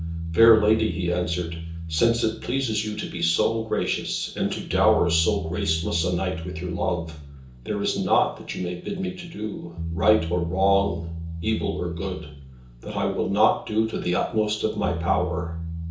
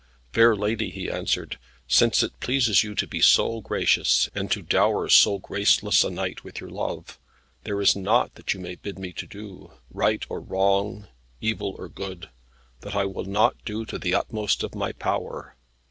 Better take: second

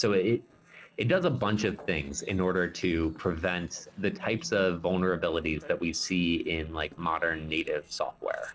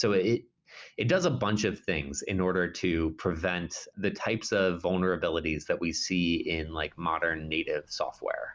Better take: second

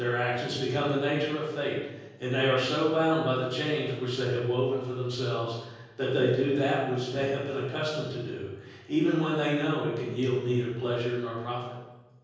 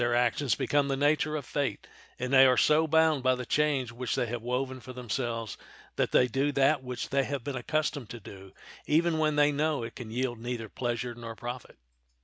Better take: second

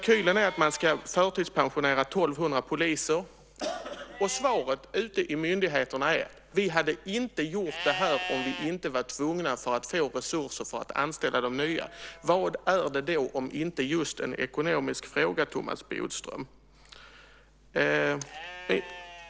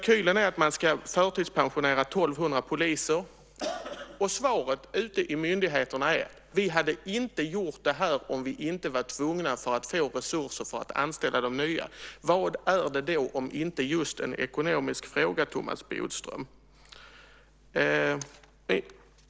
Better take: second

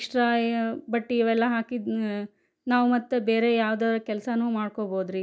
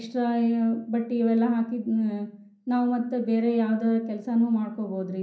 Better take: first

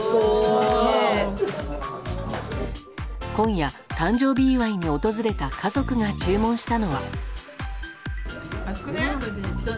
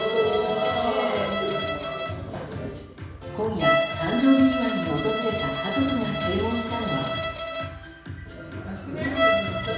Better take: first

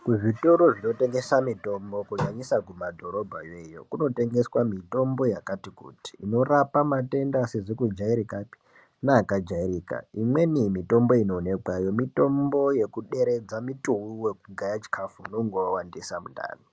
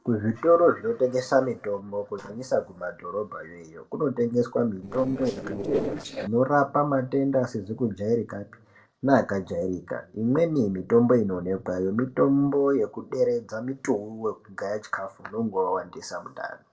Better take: first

